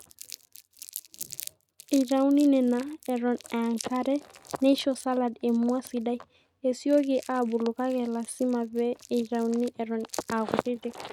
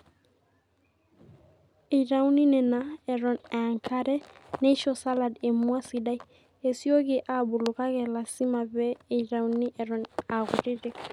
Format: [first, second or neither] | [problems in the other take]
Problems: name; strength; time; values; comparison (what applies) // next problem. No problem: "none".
second | noise reduction (neural mask model RNNoise)